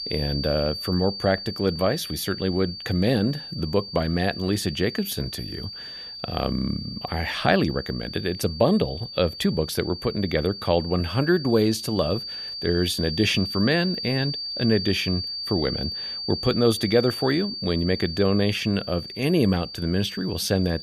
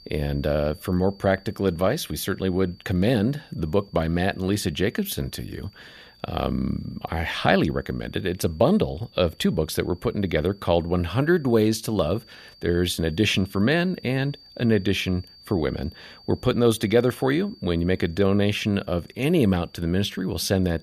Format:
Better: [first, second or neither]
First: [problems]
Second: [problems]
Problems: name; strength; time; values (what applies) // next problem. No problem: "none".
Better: second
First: high-pitched whine; loud; throughout; 4.5 kHz, 7 dB below the speech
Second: high-pitched whine; faint; throughout; 4.5 kHz, 25 dB below the speech